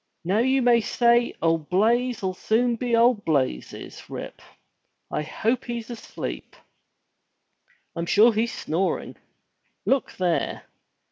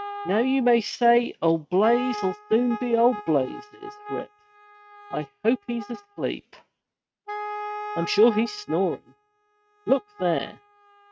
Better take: first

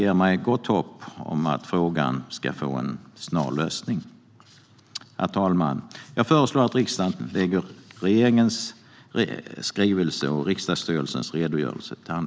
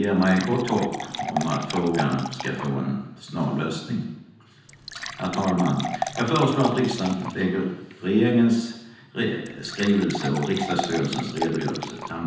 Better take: first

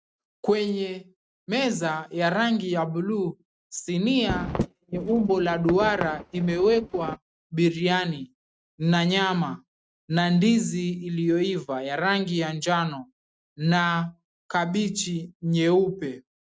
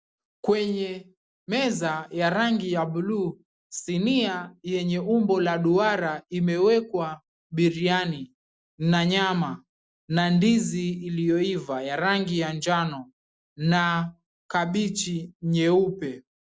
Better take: second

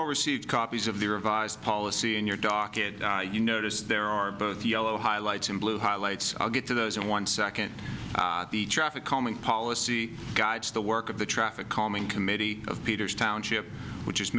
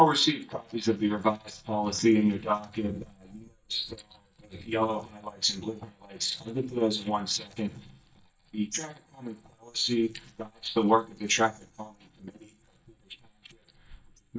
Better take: first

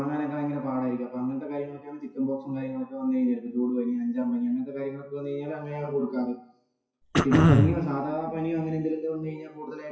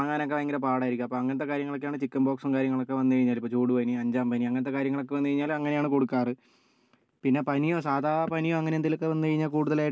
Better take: second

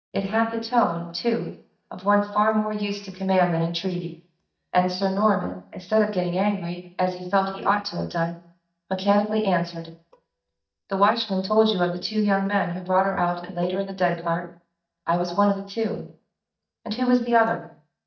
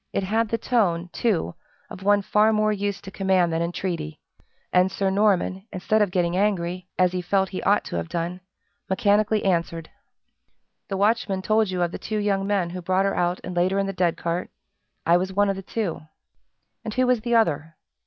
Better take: second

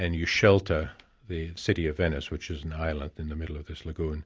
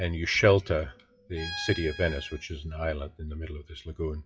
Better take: first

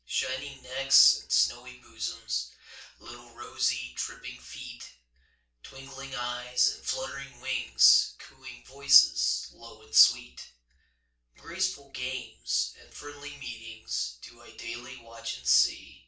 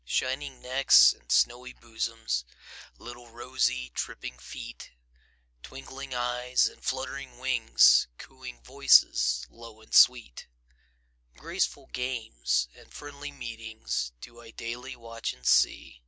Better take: second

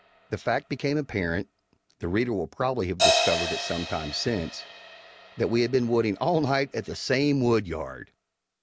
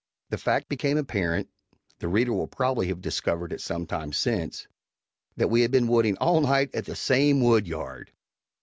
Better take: second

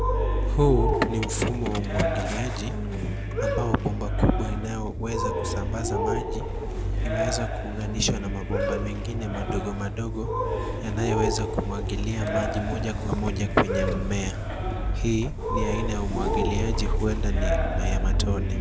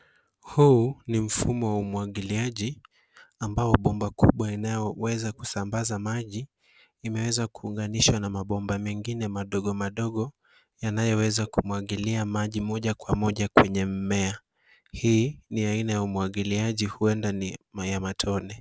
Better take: second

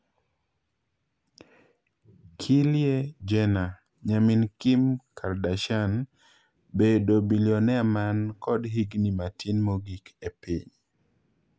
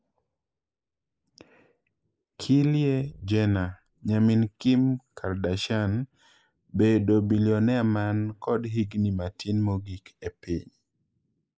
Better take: first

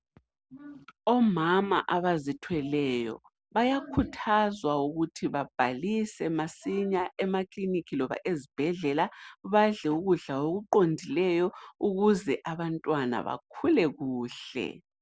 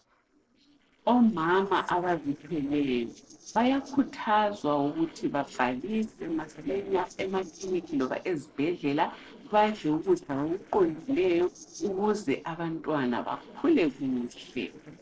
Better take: first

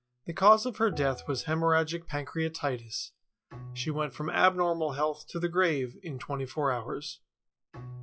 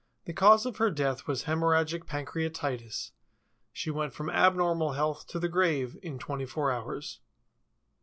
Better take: second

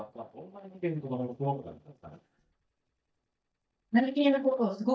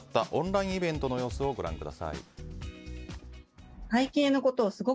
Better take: second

